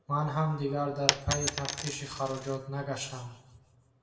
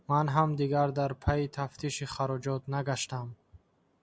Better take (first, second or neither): second